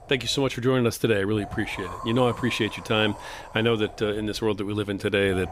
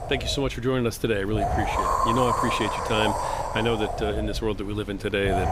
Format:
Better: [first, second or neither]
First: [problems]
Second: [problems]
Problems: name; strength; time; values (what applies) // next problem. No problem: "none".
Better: first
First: wind noise on the microphone; occasional gusts; 15 dB below the speech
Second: wind noise on the microphone; heavy; 3 dB above the speech